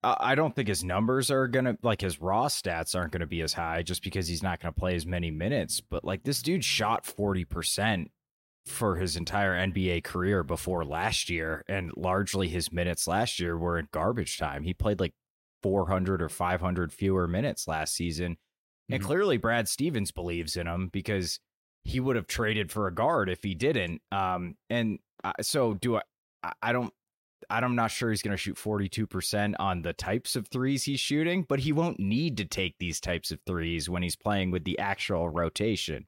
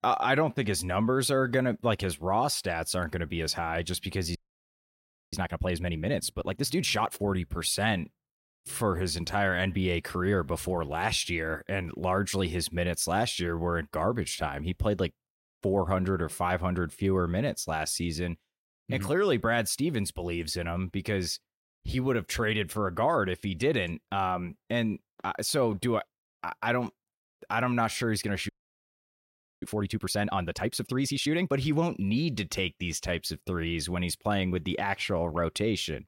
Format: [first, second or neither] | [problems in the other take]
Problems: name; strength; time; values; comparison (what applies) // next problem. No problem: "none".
first | audio freezing; at 4.5 s for 1 s and at 28 s for 1 s